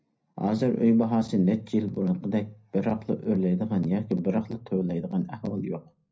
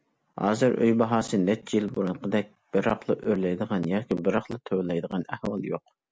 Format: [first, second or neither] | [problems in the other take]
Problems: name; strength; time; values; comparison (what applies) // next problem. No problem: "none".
second | room echo; dies away in 0.5 s